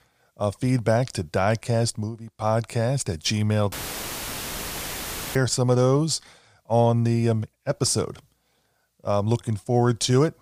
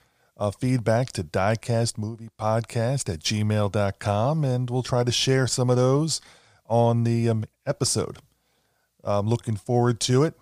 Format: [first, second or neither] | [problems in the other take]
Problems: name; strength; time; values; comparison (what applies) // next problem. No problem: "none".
second | audio cutting out; filled with static; at 3.5 s for 1.5 s